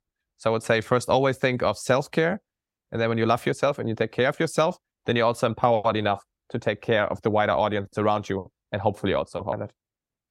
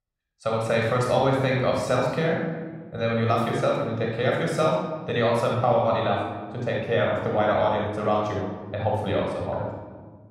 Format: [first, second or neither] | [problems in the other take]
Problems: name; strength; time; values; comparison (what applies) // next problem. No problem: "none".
first | off-mic speech; somewhat distant // room echo; noticeable; dies away in 1.4 s